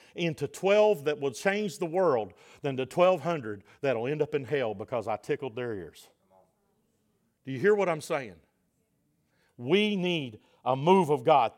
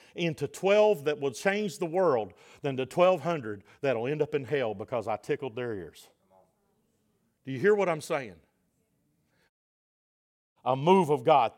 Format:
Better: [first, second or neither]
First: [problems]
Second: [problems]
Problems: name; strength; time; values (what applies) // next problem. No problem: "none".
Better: first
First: none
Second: audio cutting out; at 9.5 s for 1 s